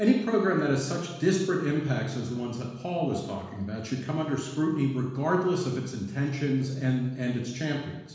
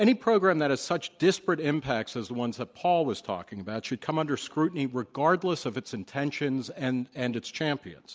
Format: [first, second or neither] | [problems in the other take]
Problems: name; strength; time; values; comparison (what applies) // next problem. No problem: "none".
second | room echo; dies away in 1.1 s